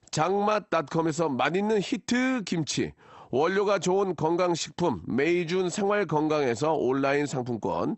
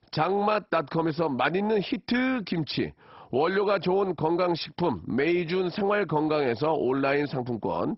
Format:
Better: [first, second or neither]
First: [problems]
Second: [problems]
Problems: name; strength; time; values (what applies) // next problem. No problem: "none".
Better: first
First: garbled, watery; slightly; nothing above 8 kHz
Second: garbled, watery; badly; nothing above 5.5 kHz